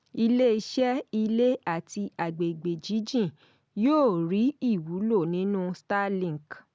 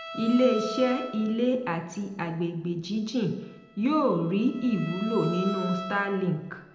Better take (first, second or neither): first